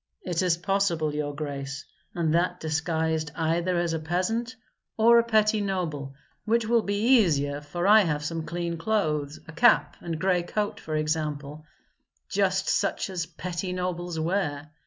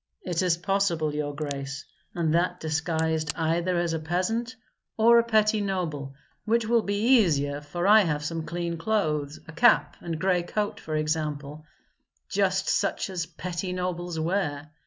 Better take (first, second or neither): first